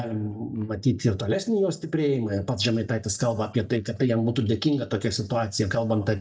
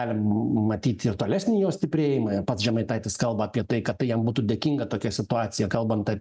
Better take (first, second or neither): second